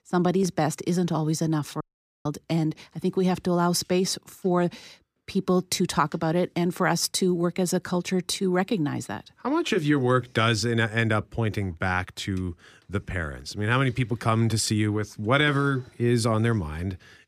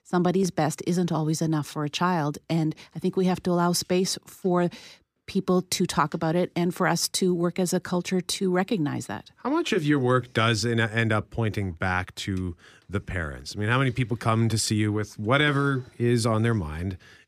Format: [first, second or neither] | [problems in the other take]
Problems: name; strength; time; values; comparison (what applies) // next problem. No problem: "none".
second | audio cutting out; at 2 s